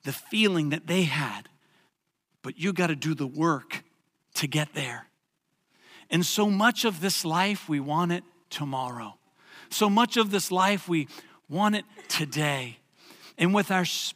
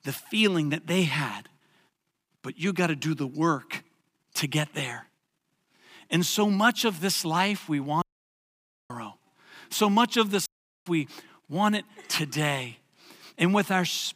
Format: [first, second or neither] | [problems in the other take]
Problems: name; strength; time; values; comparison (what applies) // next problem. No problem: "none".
first | audio cutting out; at 8 s for 1 s and at 10 s